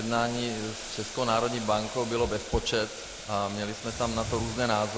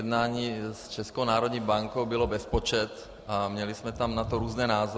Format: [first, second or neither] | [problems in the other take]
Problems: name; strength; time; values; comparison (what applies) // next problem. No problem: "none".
second | background sound (Boiling); 11 dB below the speech